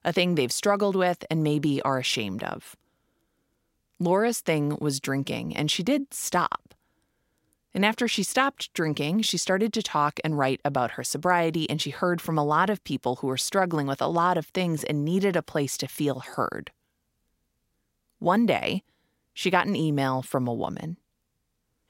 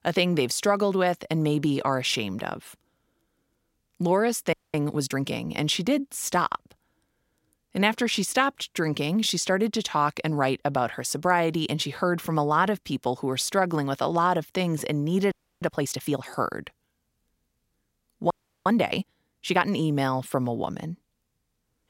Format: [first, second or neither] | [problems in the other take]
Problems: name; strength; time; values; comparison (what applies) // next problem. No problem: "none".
first | audio freezing; at 4.5 s, at 15 s and at 18 s